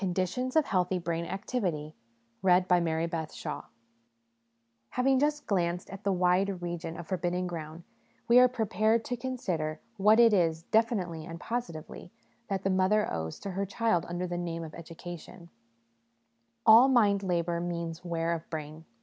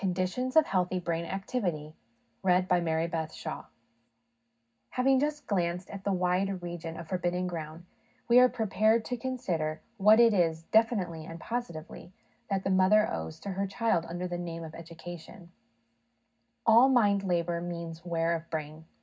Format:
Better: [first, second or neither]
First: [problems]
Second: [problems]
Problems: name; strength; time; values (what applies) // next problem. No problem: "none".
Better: first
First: none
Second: room echo; dies away in 0.4 s